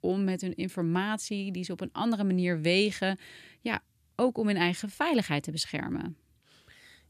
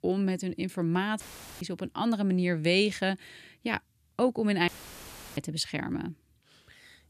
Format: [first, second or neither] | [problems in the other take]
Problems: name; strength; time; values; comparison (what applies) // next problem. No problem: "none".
first | audio cutting out; filled with static; at 1 s and at 4.5 s for 0.5 s